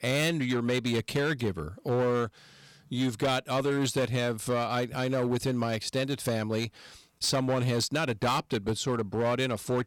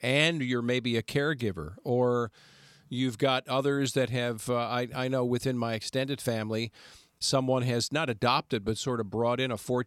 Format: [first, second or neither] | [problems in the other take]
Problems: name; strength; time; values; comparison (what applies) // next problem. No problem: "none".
second | distortion; slight; 11% of the sound clipped